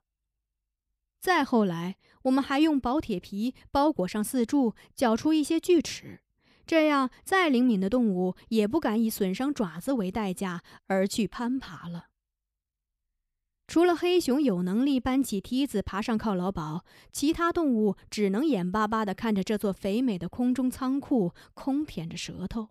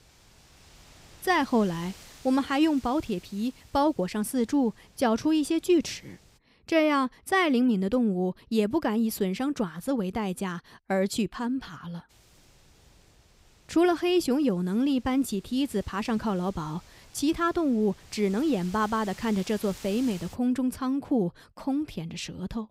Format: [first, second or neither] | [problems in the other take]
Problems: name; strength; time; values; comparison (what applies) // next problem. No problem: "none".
first | wind noise on the microphone; occasional gusts; until 6.5 s and from 12 to 20 s; 20 dB below the speech